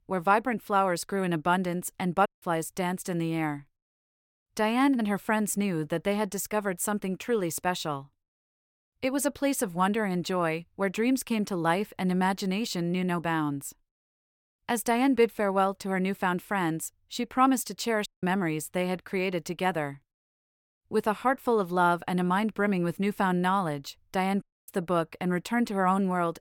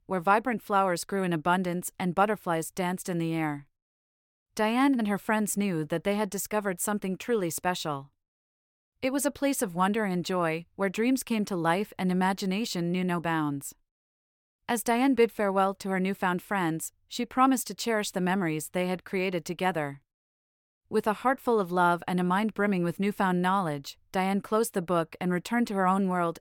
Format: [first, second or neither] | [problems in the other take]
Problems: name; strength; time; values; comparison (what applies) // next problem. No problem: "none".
second | audio cutting out; at 2.5 s, at 18 s and at 24 s